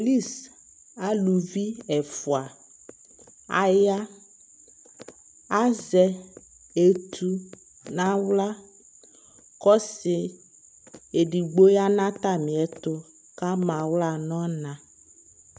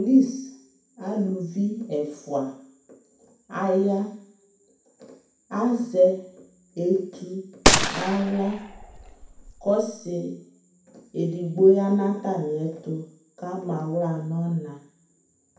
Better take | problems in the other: first | background sound (Gunshot, gunfire); 1 dB above the speech // room echo; dies away in 0.6 s

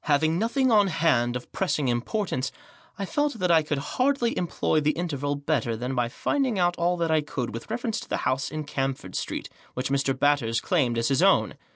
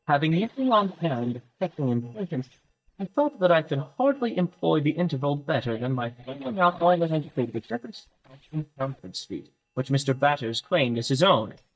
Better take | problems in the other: first | noise reduction (neural mask model DeepFilterNet 3)

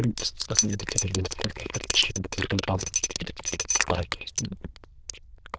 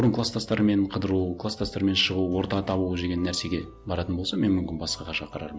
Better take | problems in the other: second | noise reduction (neural diffusion model UNIVERSE++)

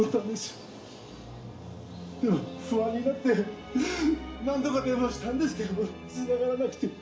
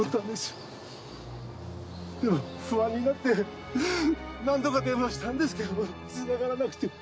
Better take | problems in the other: second | room echo; dies away in 0.5 s

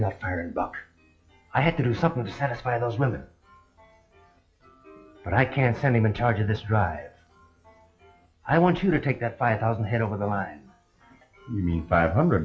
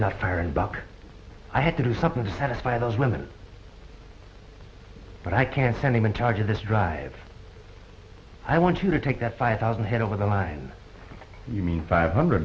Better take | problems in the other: second | noise reduction (classical method log-MMSE)

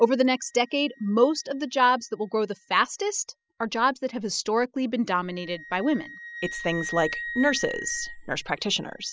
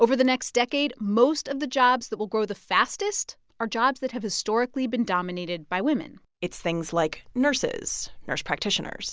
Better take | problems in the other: second | noise reduction (classical method spectral subtraction)

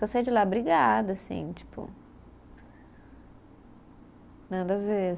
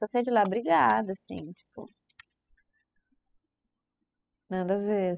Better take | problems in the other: first | noise reduction (classical method spectral subtraction)

